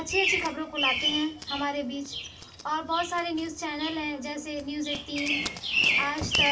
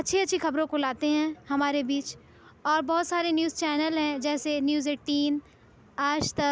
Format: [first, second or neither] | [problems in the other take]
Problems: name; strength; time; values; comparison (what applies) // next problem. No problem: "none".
second | background sound (Bird vocalization, bird call, bird song); 1 dB above the speech // room echo; dies away in 0.2 s